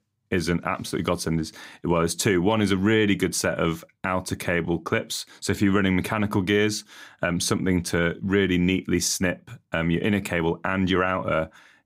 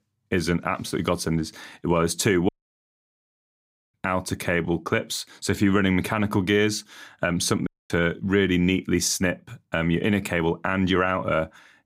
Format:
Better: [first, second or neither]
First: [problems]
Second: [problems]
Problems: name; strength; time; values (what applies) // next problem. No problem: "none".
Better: first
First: none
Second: audio cutting out; at 2.5 s for 1.5 s and at 7.5 s